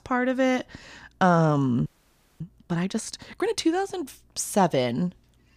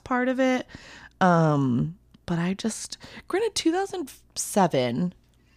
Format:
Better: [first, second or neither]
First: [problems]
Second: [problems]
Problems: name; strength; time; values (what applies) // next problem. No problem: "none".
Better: second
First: audio freezing; at 2 s for 0.5 s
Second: none